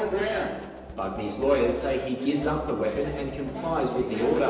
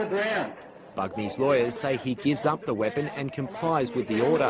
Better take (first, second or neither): second